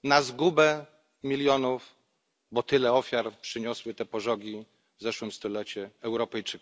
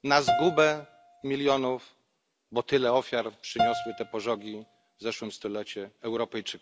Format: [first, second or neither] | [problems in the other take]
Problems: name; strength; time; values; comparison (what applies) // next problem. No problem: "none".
first | background sound (Piano); 6 dB below the speech